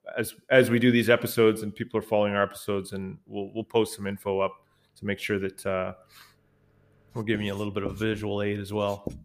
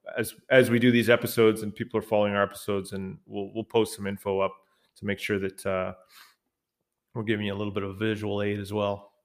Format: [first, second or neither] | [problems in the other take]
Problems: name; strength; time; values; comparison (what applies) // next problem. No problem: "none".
second | household noises; noticeable; throughout; 15 dB below the speech